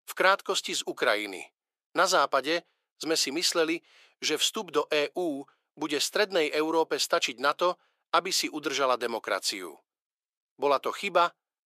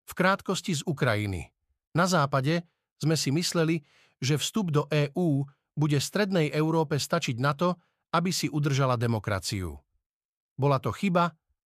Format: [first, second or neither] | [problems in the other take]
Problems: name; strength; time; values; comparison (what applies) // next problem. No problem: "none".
second | thin; very; fading below 350 Hz